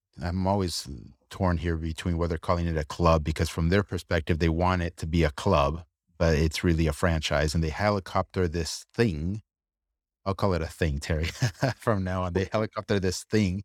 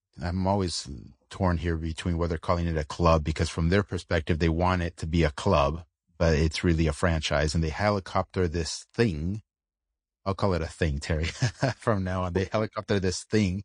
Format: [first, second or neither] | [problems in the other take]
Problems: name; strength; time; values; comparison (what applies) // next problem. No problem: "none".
first | garbled, watery; slightly; nothing above 8.5 kHz